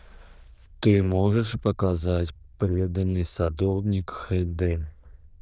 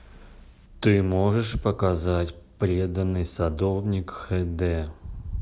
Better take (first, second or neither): second